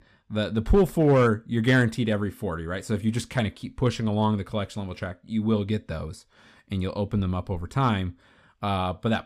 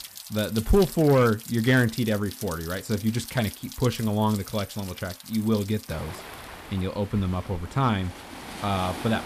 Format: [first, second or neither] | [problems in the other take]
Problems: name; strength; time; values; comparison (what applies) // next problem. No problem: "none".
first | rain or running water; noticeable; throughout; 15 dB below the speech